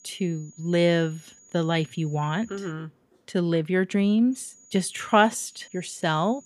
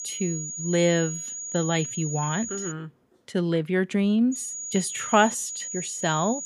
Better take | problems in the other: first | high-pitched whine; loud; until 2.5 s and from 4.5 s on; 7 kHz, 6 dB below the speech; faint in the first

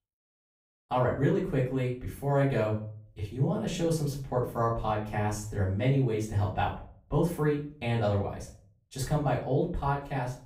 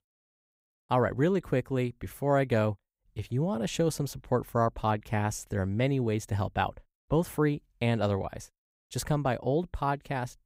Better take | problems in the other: second | off-mic speech; far // room echo; slight; dies away in 0.4 s

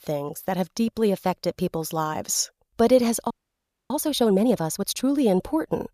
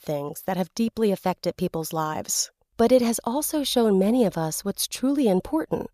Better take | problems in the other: second | audio freezing; at 3.5 s for 0.5 s

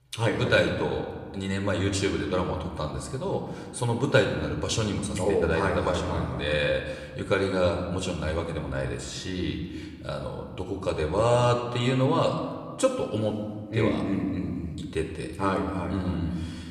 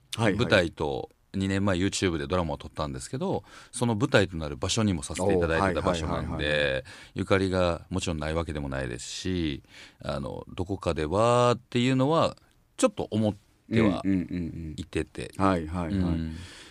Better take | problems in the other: second | room echo; slight; dies away in 1.4 s

